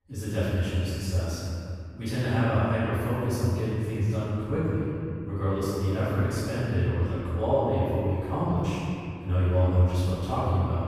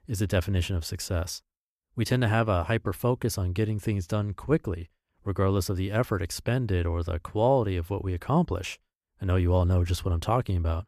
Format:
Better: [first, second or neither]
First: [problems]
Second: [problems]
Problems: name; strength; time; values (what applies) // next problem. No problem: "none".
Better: second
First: off-mic speech; far // room echo; strong; dies away in 2.4 s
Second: none